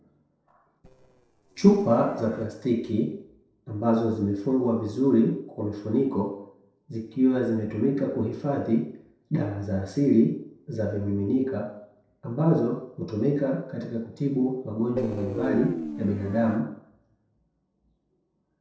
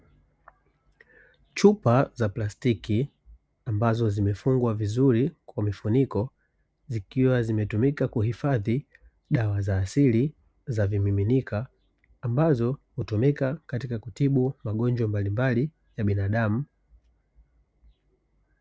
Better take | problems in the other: second | noise reduction (neural separator model SepFormer DNS4)

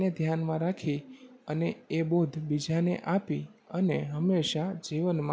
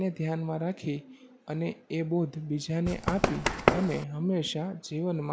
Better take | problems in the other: first | background sound (Run); 3 dB above the speech

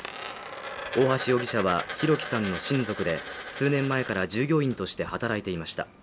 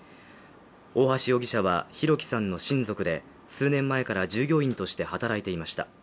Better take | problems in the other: second | background sound (Coin (dropping)); 11 dB below the speech

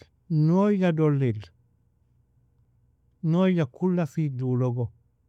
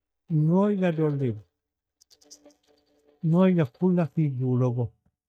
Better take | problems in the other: first | noise reduction (neural mask model DeepFilterNet 3)

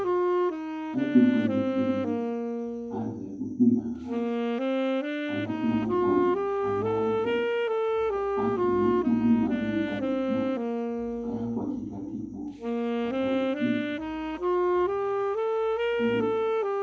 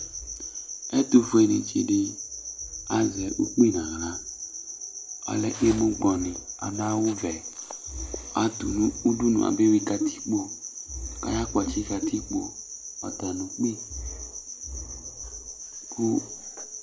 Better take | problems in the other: second | background sound (Wind instrument, woodwind instrument); 3 dB above the speech // room echo; dies away in 0.9 s

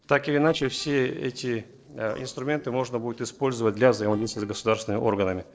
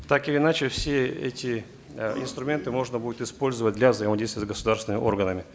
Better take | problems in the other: second | noise reduction (neural separator model SepFormer DNS4)

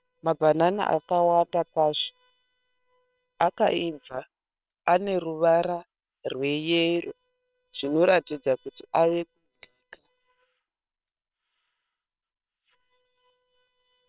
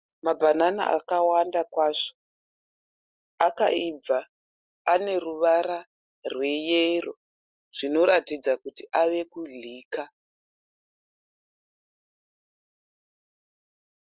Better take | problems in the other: second | noise reduction (neural separator model SepFormer WHAM!)

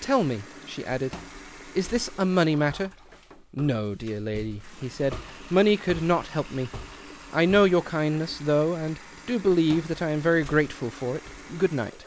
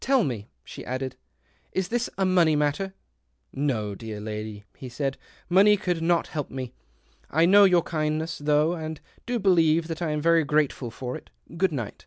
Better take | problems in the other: second | background sound (Water tap, faucet + Walk, footsteps); 16 dB below the speech

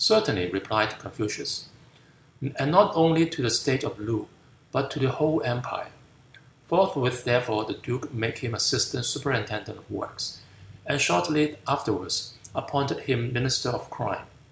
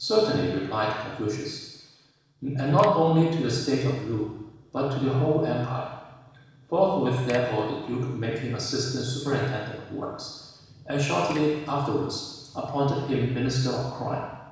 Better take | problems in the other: first | noise reduction (neural separator model SepFormer DNS4)

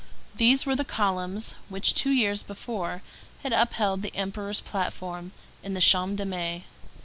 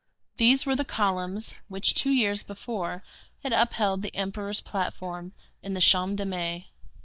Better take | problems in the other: first | noise reduction (neural mask model DeepFilterNet 3)

